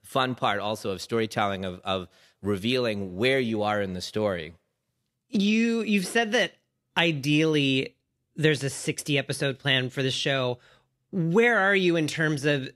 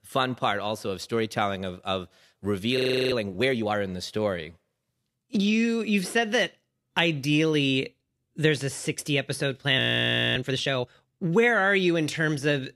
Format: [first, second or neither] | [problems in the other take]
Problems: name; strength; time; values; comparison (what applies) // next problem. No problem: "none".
first | audio freezing; at 3 s and at 10 s for 0.5 s